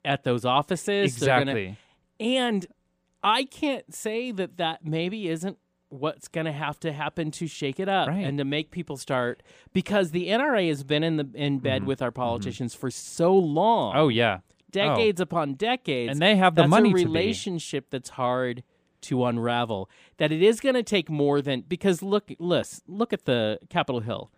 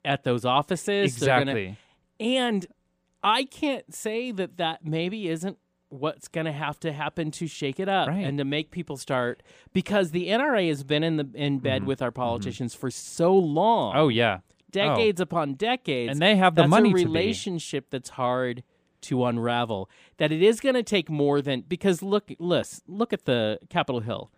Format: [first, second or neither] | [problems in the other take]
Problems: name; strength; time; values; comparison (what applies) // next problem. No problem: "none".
neither | none